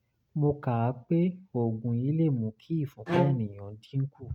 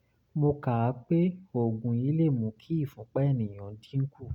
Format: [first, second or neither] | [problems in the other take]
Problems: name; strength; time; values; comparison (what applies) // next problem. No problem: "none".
second | noise reduction (neural mask model RNNoise)